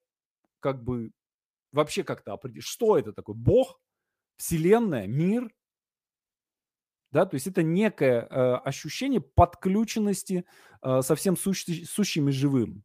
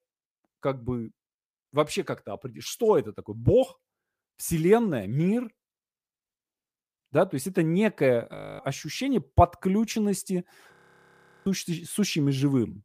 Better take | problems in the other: first | audio freezing; at 8.5 s and at 11 s for 0.5 s

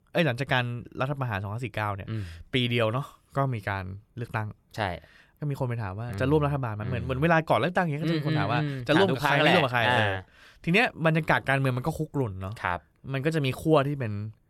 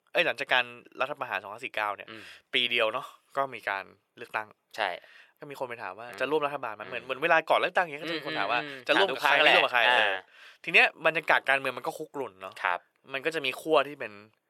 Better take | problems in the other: first | thin; very; fading below 550 Hz

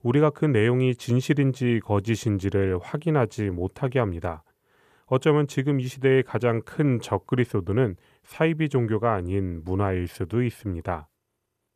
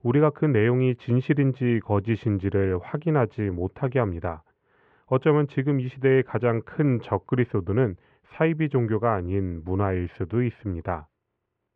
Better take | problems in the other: first | muffled; very; fading above 2.5 kHz

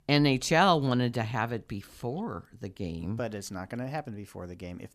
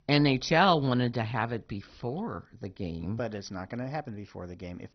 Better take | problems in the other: first | garbled, watery; badly; nothing above 6 kHz

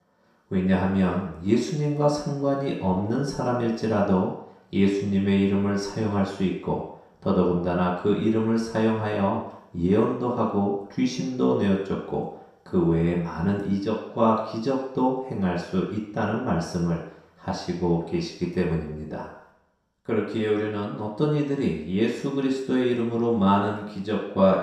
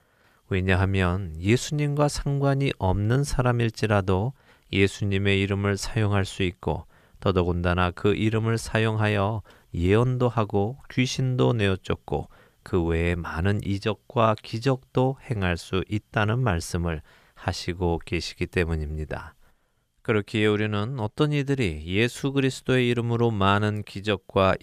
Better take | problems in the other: second | room echo; noticeable; dies away in 0.7 s // off-mic speech; far

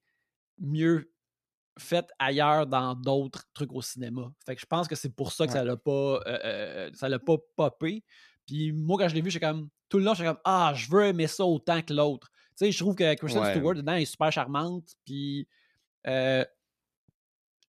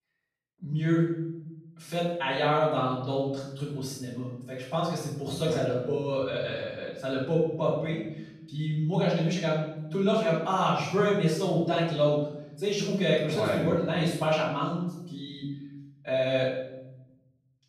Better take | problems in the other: first | off-mic speech; far // room echo; noticeable; dies away in 0.8 s

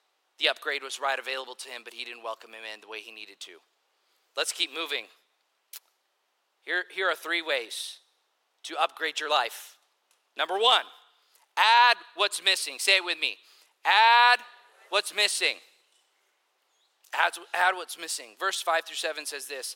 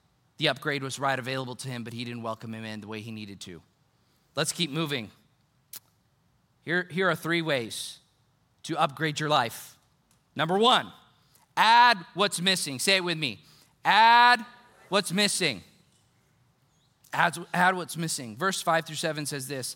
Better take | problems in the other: second | thin; very; fading below 400 Hz

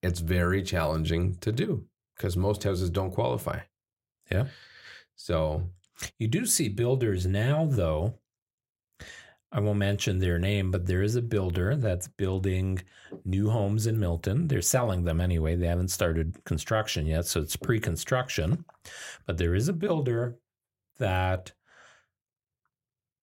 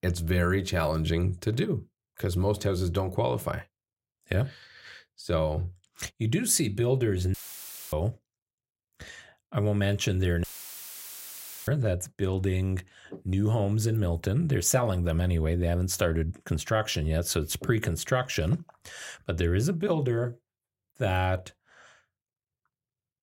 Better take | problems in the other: first | audio cutting out; filled with static; at 7.5 s for 0.5 s and at 10 s for 1 s

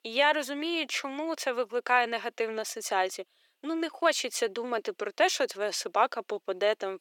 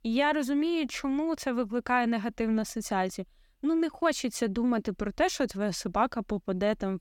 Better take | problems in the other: second | thin; very; fading below 400 Hz

